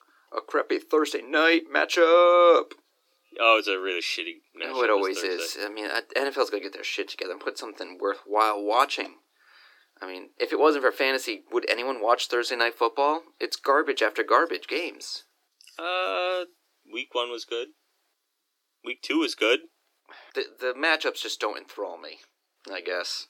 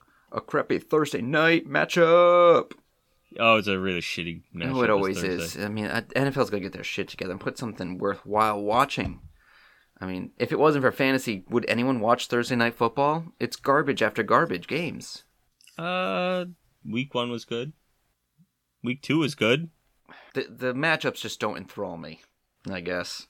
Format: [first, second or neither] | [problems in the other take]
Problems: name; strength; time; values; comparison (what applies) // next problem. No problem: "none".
second | thin; somewhat; fading below 300 Hz